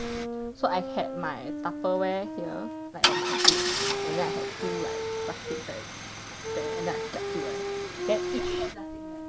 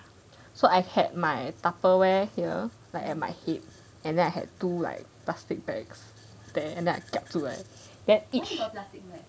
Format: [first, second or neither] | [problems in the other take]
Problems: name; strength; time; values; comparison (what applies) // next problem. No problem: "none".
second | background sound (Wind instrument, woodwind instrument + Idling / Engine starting / Car); 4 dB above the speech